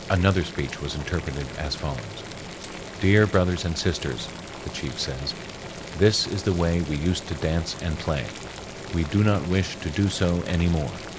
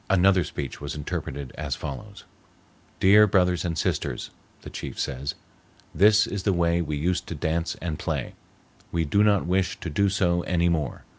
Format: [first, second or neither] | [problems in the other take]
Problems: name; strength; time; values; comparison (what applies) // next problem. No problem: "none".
second | background sound (Boiling); 12 dB below the speech